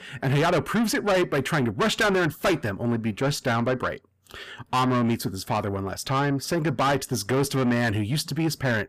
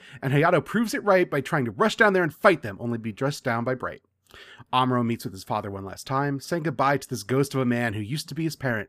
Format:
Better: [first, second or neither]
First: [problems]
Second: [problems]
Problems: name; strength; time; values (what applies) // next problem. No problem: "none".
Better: second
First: distortion; heavy; 6 dB below the speech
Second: none